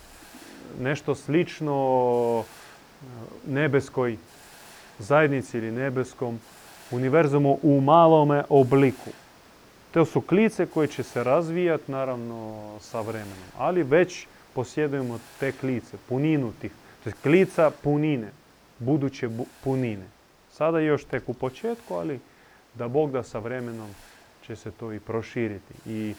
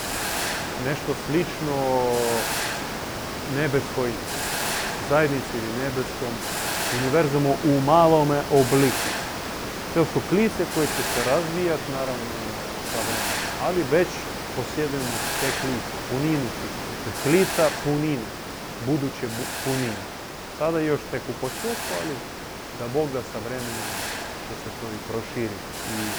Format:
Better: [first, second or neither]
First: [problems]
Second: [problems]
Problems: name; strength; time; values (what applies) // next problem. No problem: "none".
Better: first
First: hiss; faint; throughout; 25 dB below the speech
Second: hiss; loud; throughout; 4 dB below the speech